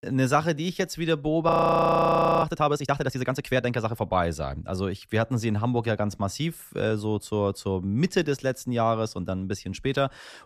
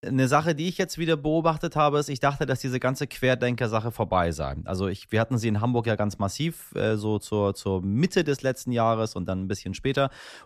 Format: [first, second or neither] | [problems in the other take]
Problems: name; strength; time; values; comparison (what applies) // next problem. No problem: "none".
second | audio freezing; at 1.5 s for 1 s